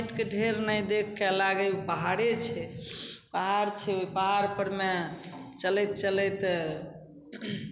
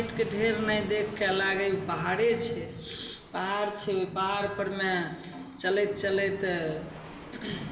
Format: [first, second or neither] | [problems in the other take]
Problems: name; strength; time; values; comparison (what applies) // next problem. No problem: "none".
first | background sound (Fixed-wing aircraft, airplane); 17 dB below the speech // room echo; dies away in 0.5 s